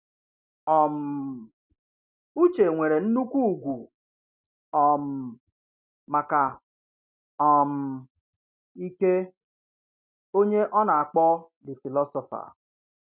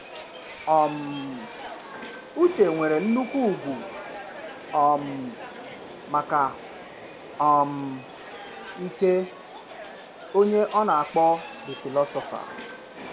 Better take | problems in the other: first | background sound (Subway, metro, underground); 14 dB below the speech // room echo; dies away in 0.7 s

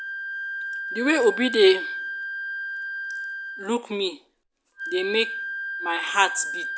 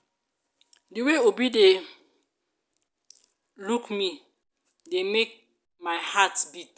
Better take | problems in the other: second | background sound (Wind instrument, woodwind instrument); 6 dB below the speech

